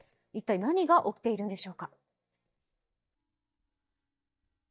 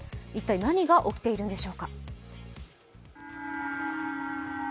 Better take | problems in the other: second | noise reduction (neural mask model DeepFilterNet 3)

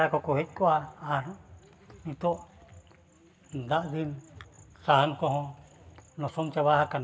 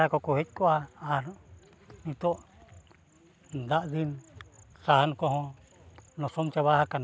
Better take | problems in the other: second | room echo; dies away in 0.9 s

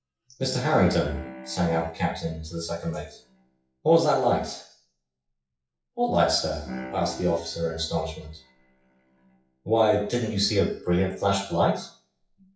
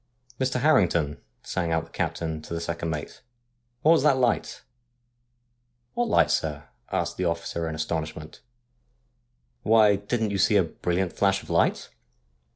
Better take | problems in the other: second | noise reduction (classical method WPE with log-MMSE)

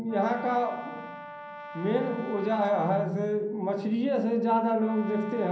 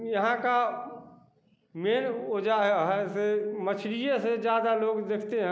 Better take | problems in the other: second | background sound (Brass instrument); 15 dB below the speech // room echo; dies away in 0.6 s

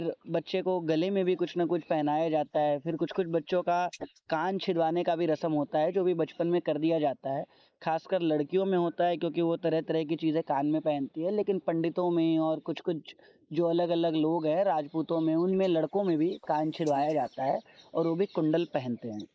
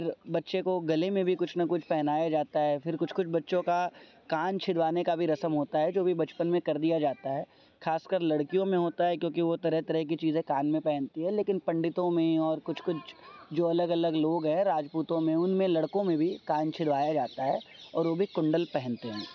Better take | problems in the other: second | noise reduction (neural mask model Resemble Enhance denoiser)

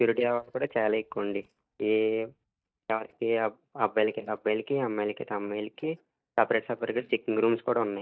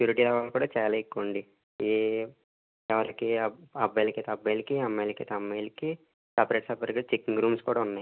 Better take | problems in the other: second | noise reduction (neural mask model DeepFilterNet 3)

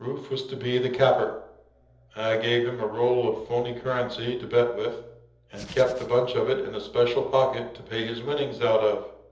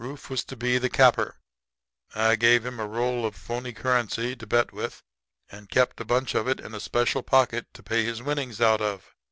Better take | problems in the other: second | background sound (Hands); 18 dB below the speech // room echo; dies away in 0.7 s

